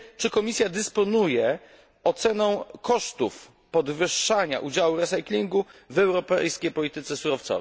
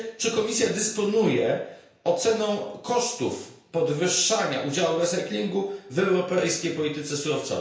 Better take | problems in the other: first | room echo; dies away in 0.5 s

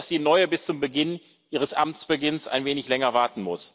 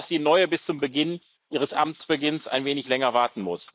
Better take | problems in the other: first | noise reduction (neural mask model Resemble Enhance denoiser)

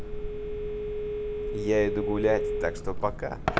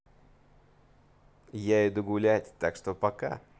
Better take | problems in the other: second | background sound (Telephone); as loud as the speech

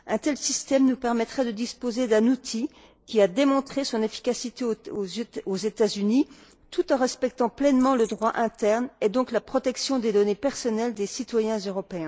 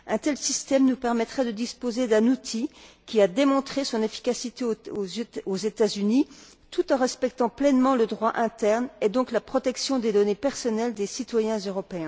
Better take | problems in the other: second | noise reduction (neural mask model Resemble Enhance denoiser)

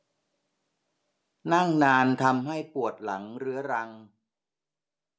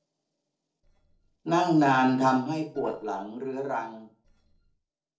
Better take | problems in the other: first | noise reduction (neural separator model SepFormer DNS4)

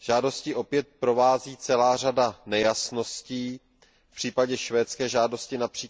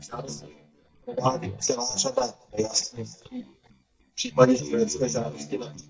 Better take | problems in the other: first | noise reduction (neural mask model DeepFilterNet 3)

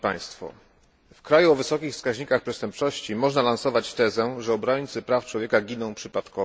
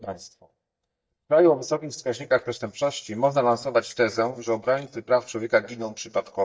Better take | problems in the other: first | noise reduction (neural mask model DeepFilterNet 3)

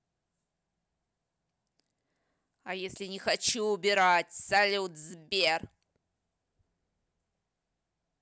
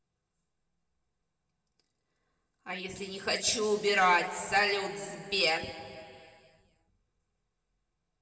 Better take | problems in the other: first | room echo; dies away in 2.5 s

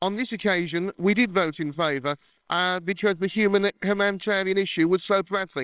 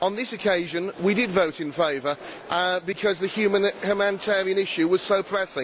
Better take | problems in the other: second | noise reduction (neural separator model SepFormer WHAMR!)

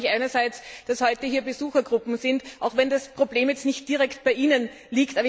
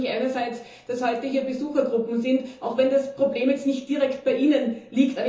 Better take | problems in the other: first | room echo; dies away in 0.6 s

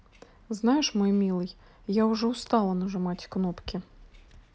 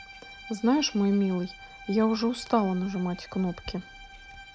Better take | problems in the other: first | background sound (Bowed string instrument); 19 dB below the speech

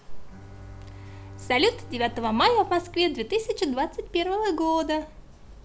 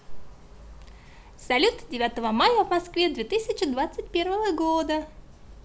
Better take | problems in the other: second | background sound (Bowed string instrument); 20 dB below the speech

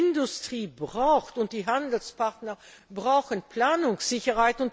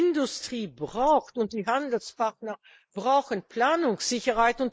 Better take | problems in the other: first | noise reduction (neural mask model Resemble Enhance denoiser)

